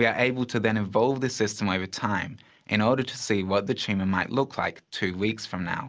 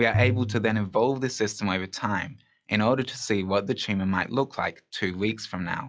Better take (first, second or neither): first